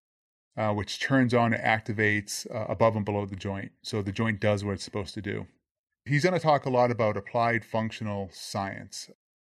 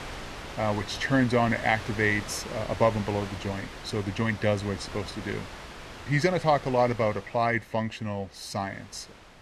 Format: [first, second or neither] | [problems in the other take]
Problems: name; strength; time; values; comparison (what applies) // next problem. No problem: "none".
first | wind noise on the microphone; occasional gusts; 10 dB below the speech